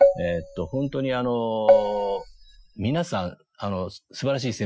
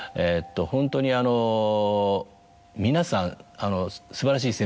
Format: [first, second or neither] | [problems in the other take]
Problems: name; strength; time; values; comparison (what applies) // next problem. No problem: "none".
second | noise reduction (classical method Wiener filter)